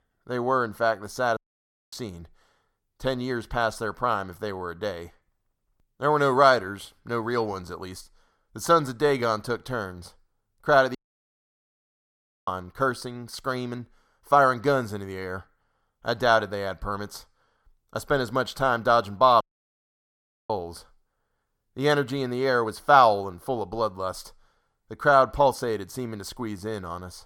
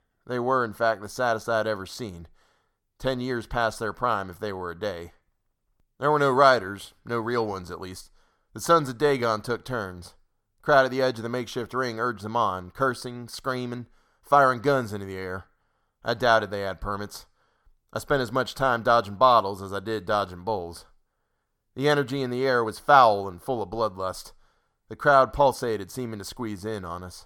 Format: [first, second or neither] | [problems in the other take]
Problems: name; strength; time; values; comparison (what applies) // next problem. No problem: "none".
second | audio cutting out; at 1.5 s for 0.5 s, at 11 s for 1.5 s and at 19 s for 1 s